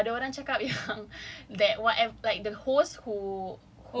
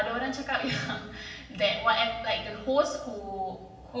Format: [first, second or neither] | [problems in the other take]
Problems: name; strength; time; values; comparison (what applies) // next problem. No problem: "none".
first | room echo; dies away in 0.9 s